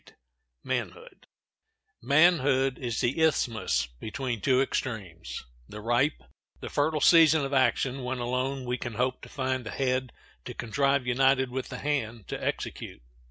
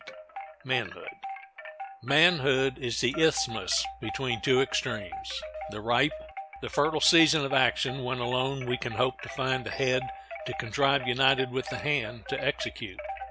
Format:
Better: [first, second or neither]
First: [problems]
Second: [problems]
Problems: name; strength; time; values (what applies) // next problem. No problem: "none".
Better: first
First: none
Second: background sound (Wind chime); 11 dB below the speech